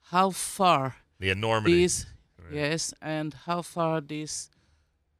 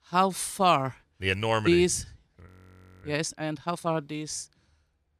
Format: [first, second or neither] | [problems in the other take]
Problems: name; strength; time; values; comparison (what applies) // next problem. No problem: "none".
first | audio freezing; at 2.5 s for 0.5 s